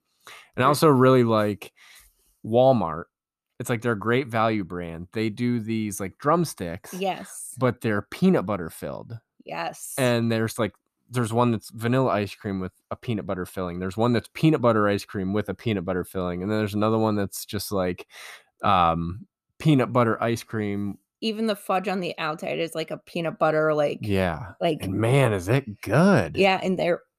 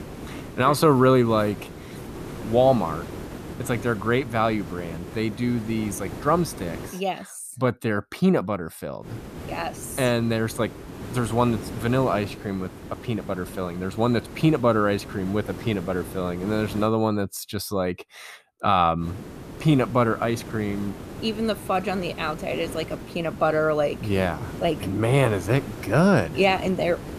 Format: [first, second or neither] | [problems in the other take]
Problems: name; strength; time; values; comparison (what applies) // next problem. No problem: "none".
first | hiss; noticeable; until 7 s, from 9 to 17 s and from 19 s on; 15 dB below the speech